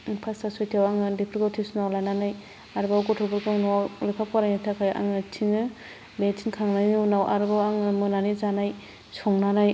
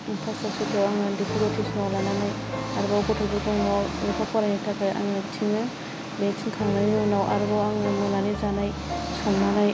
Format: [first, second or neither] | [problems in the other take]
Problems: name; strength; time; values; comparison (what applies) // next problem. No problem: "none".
first | background sound (Engine + Piano); 5 dB below the speech